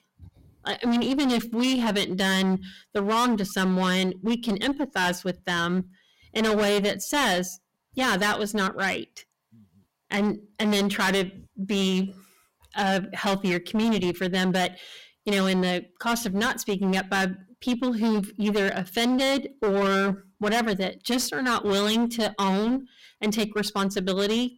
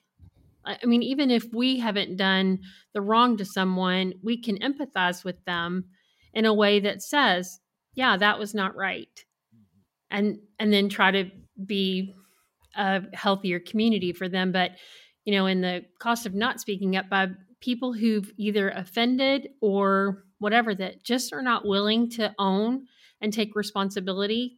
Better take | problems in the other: second | distortion; heavy; 22% of the sound clipped

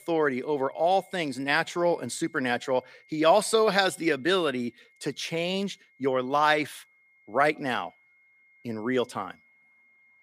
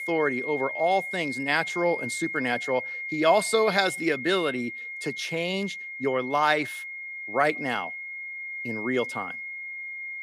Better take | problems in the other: first | high-pitched whine; loud; throughout; 2 kHz, 6 dB below the speech; faint in the first

